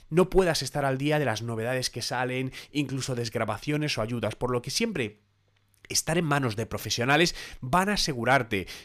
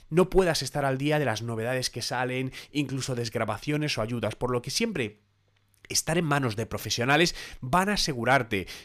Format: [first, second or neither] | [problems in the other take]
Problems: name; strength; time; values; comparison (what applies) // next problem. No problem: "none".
neither | none